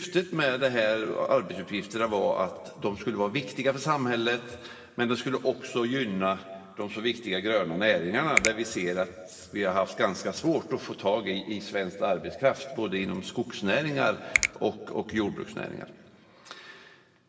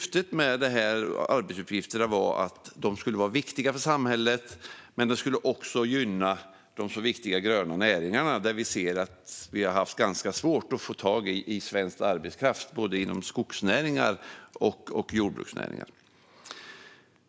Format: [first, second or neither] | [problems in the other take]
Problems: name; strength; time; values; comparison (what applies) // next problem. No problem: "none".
second | background sound (Finger snapping); 3 dB below the speech // room echo; dies away in 2 s